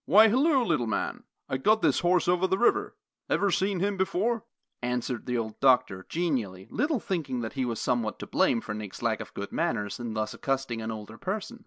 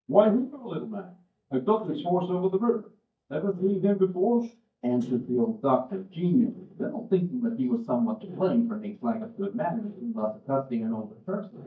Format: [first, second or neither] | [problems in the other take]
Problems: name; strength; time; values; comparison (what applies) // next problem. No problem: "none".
first | noise reduction (neural mask model DeepFilterNet 3)